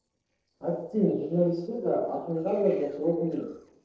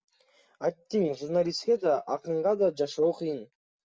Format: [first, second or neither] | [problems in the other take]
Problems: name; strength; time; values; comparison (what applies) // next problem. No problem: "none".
second | noise reduction (neural separator model SepFormer DNS4)